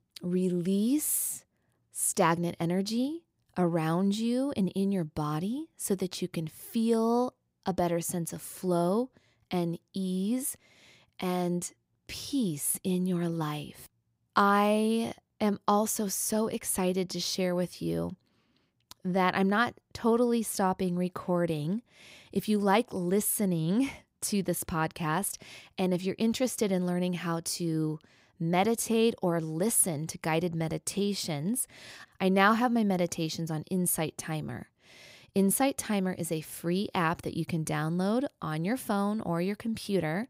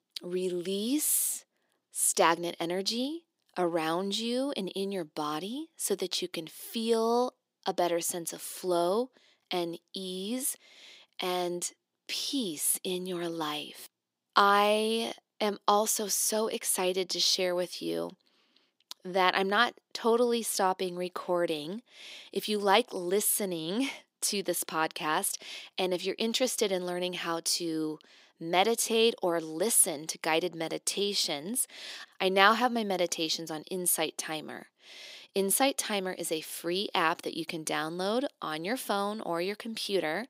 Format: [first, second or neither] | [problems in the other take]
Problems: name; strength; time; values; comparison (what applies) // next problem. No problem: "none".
first | thin; somewhat; fading below 300 Hz